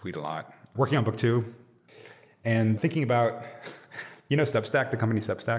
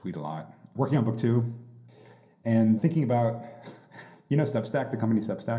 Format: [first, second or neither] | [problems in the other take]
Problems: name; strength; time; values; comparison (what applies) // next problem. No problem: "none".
first | room echo; dies away in 0.3 s